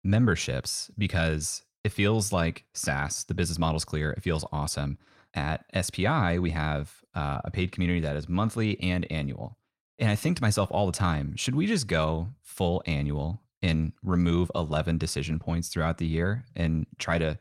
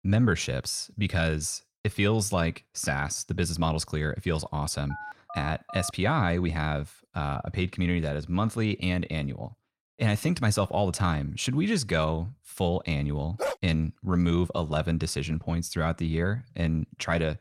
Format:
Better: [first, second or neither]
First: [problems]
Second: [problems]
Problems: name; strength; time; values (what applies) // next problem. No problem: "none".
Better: first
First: none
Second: phone ringing; faint; from 5 to 6 s; peak 15 dB below the speech // dog barking; noticeable; at 13 s; peak 4 dB below the speech